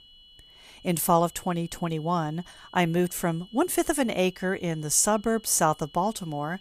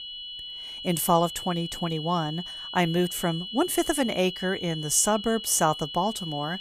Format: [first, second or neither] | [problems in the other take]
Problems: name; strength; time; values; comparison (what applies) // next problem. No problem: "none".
first | high-pitched whine; loud; throughout; 3 kHz, 9 dB below the speech; faint in the first